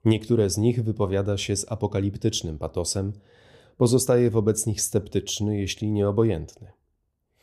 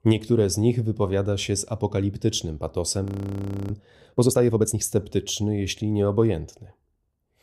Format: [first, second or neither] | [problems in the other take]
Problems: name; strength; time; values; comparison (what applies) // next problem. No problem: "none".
first | audio freezing; at 3 s for 0.5 s